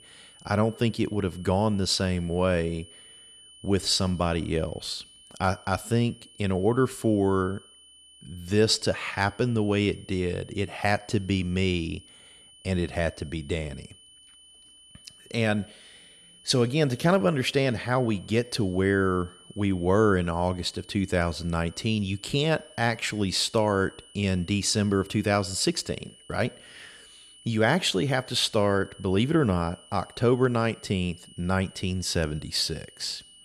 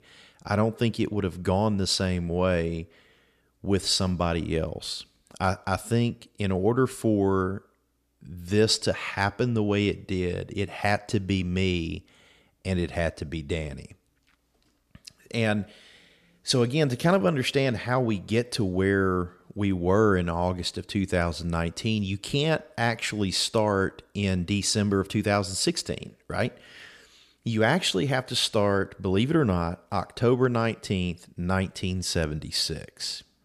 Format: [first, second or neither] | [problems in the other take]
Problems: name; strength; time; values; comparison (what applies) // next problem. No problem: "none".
second | high-pitched whine; faint; throughout; 3 kHz, 25 dB below the speech